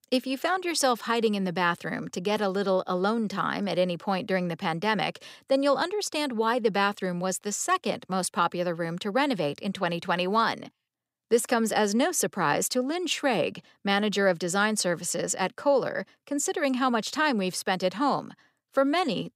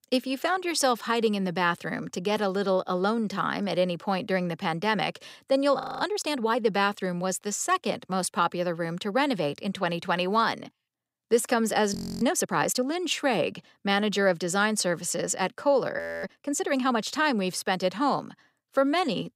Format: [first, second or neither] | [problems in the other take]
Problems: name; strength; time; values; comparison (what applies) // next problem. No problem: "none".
first | audio freezing; at 6 s, at 12 s and at 16 s